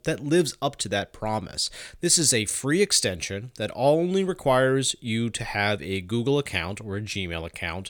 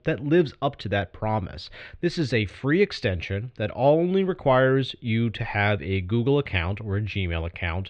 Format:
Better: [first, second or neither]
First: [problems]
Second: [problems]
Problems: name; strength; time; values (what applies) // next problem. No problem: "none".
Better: first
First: none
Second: muffled; very; fading above 3 kHz